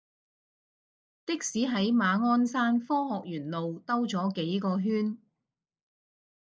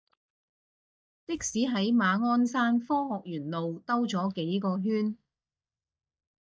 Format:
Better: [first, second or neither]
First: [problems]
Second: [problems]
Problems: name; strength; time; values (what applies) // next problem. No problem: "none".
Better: first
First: none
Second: noise reduction (neural mask model DeepFilterNet 3)